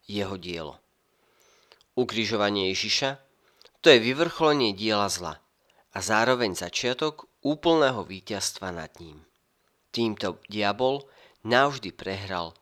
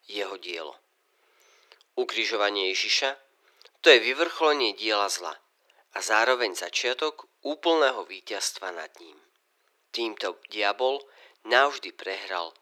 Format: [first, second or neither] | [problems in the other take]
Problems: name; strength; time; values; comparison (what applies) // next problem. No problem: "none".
first | thin; somewhat; fading below 350 Hz